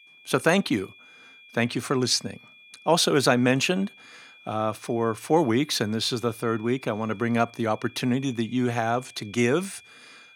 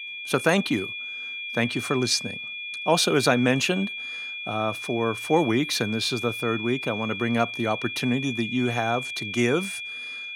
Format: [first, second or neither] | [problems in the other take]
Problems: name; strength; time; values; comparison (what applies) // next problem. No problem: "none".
first | high-pitched whine; loud; throughout; 2.5 kHz, 7 dB below the speech; faint in the first